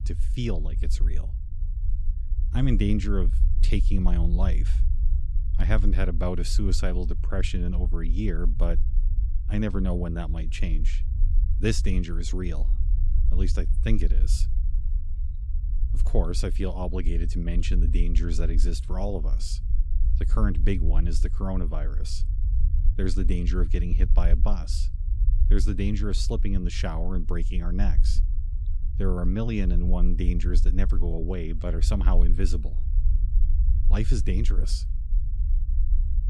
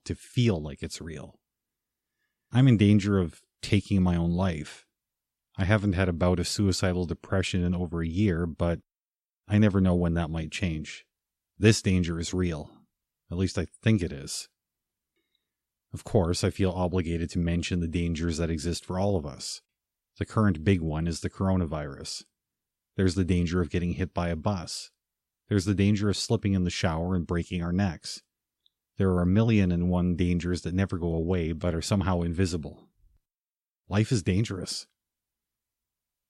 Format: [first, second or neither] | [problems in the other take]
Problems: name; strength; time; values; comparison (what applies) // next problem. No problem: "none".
second | low rumble; noticeable; throughout; 15 dB below the speech